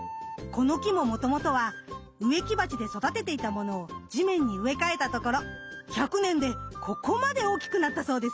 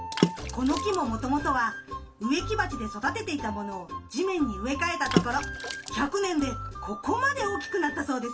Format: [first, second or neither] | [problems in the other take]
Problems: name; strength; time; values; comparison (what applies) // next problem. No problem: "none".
first | background sound (Water / Splash, splatter); 6 dB below the speech // room echo; dies away in 0.2 s